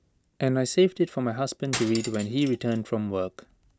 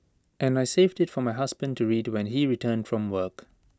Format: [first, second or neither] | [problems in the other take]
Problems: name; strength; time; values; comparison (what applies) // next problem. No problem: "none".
second | background sound (Cutlery, silverware); 11 dB below the speech